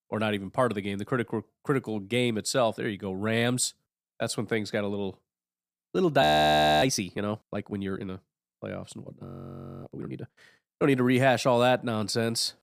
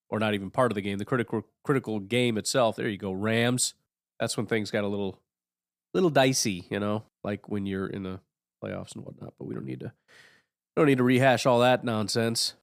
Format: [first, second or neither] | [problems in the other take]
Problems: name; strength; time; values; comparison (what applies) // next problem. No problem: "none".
second | audio freezing; at 6 s for 0.5 s and at 9.5 s for 0.5 s